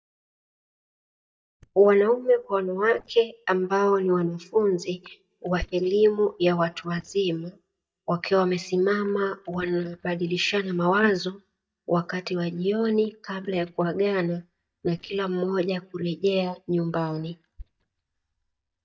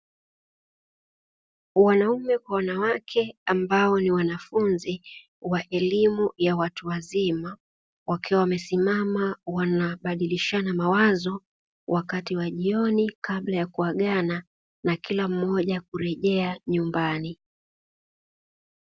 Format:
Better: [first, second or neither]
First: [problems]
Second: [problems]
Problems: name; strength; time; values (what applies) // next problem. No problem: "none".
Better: second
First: noise reduction (neural mask model DeepFilterNet 3)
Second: none